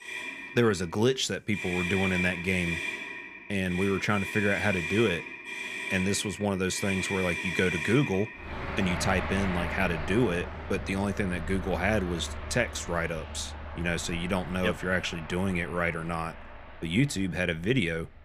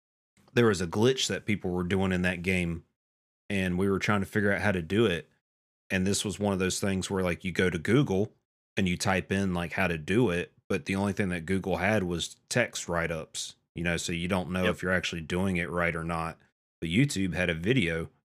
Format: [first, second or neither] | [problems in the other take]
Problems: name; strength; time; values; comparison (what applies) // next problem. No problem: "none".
second | traffic noise; loud; throughout; 6 dB below the speech